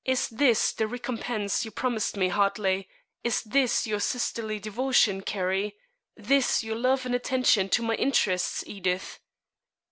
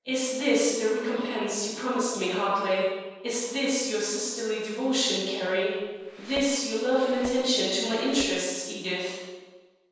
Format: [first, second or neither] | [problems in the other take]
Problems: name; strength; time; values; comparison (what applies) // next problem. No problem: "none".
first | noise reduction (neural separator model SepFormer DNS4)